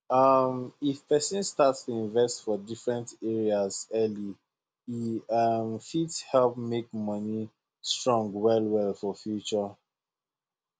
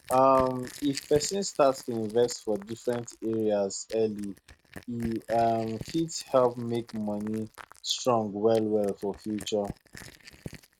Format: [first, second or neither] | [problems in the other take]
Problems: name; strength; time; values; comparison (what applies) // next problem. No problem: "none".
first | noise reduction (neural mask model RNNoise)